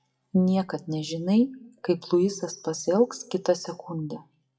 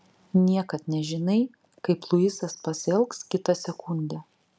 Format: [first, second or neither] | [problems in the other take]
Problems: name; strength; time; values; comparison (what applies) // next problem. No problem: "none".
second | noise reduction (classical method WPE with log-MMSE)